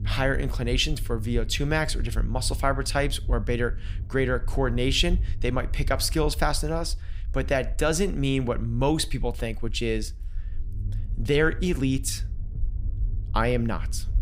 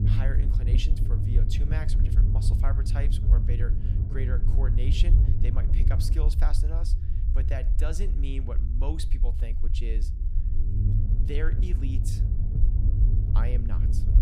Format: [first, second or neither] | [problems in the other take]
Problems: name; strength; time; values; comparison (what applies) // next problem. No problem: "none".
first | low rumble; loud; throughout; 2 dB below the speech; faint in the first